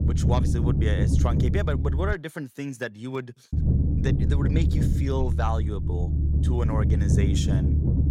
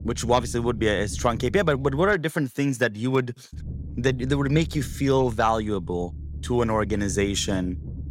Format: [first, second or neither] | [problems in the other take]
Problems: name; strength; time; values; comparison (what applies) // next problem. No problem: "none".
second | low rumble; loud; until 2 s and from 3.5 s on; 3 dB below the speech; faint in the second